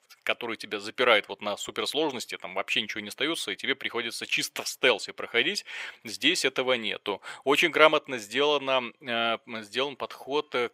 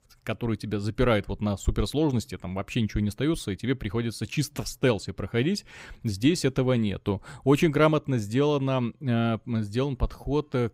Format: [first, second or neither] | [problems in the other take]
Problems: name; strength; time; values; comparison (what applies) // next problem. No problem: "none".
second | thin; very; fading below 600 Hz